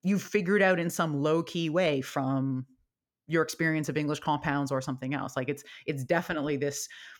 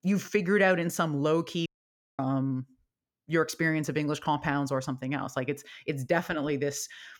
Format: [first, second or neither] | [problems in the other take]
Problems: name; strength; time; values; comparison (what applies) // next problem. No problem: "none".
first | audio cutting out; at 1.5 s for 0.5 s